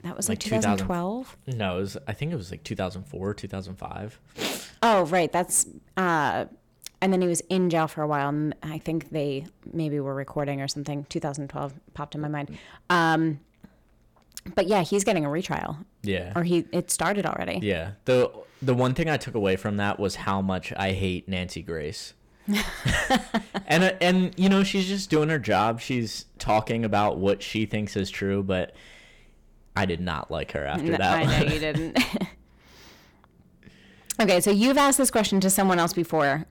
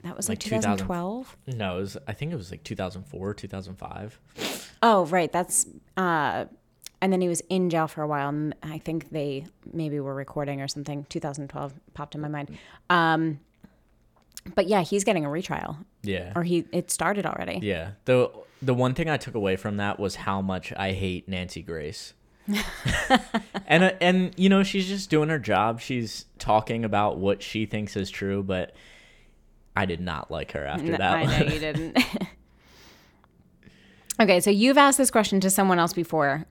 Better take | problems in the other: second | distortion; slight; 3% of the sound clipped

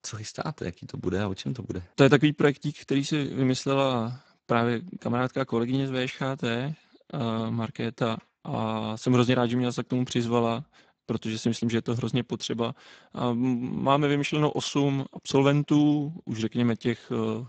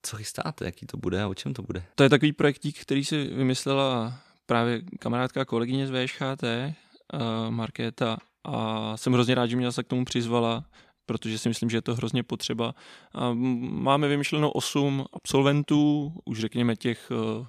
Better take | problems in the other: second | garbled, watery; badly; nothing above 8 kHz

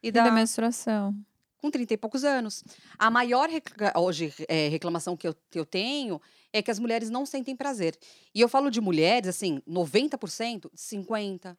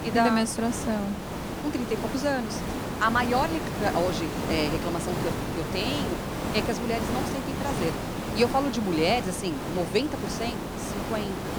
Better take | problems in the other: first | hiss; loud; throughout; 3 dB below the speech

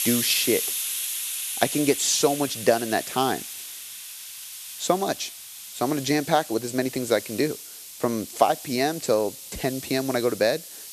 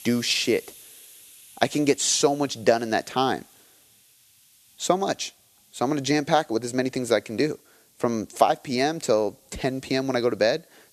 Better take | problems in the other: second | hiss; loud; throughout; 7 dB below the speech; faint in the second

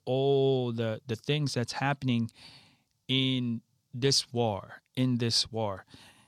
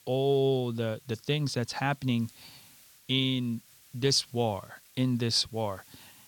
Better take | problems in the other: first | hiss; faint; throughout; 25 dB below the speech

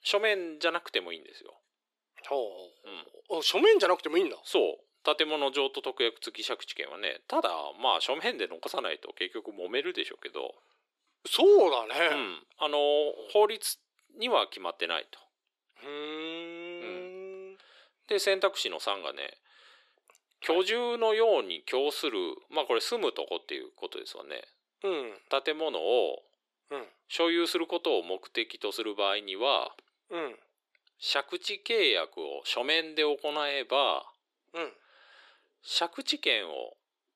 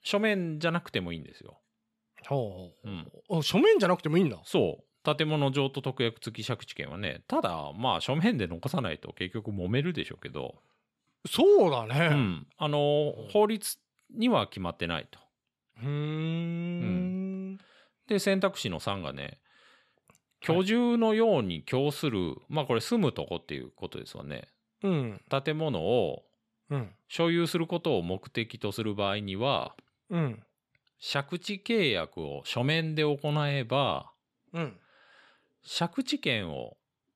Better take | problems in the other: second | thin; very; fading below 350 Hz

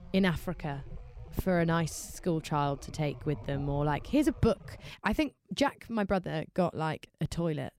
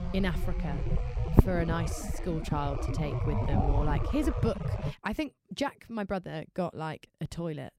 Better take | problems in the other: first | low rumble; loud; until 5 s; 2 dB below the speech; faint in the first

